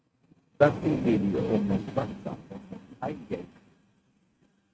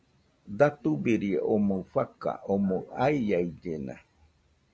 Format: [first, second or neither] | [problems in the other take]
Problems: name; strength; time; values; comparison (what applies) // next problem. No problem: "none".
second | noise reduction (neural mask model RNNoise)